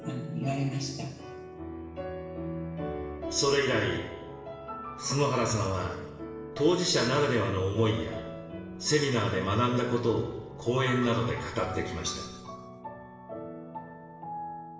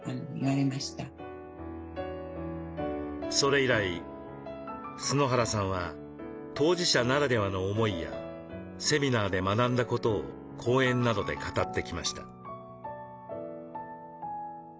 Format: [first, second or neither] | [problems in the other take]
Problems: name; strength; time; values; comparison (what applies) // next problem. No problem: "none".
second | room echo; dies away in 1 s